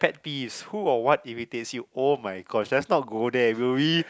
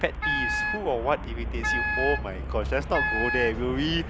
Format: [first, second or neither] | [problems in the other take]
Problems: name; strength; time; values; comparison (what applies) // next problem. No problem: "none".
first | background sound (Wind instrument, woodwind instrument + Traffic noise, roadway noise); as loud as the speech